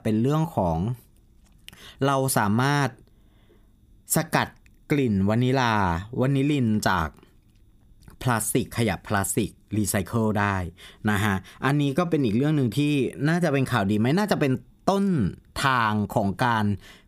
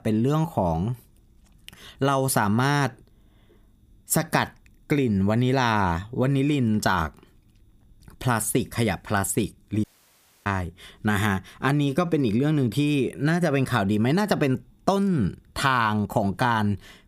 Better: first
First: none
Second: audio cutting out; at 10 s for 0.5 s

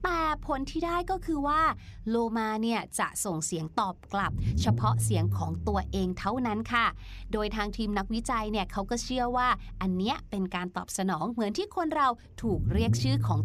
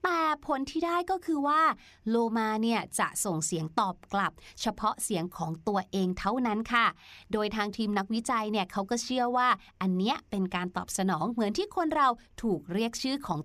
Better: second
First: low rumble; noticeable; throughout; 15 dB below the speech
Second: none

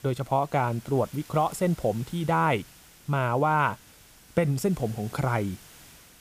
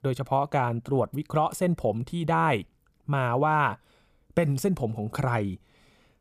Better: second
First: hiss; faint; throughout; 20 dB below the speech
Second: none

